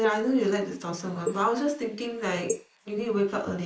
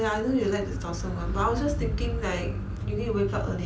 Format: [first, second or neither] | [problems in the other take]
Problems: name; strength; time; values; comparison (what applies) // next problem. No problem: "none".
second | noise reduction (neural mask model Resemble Enhance denoiser)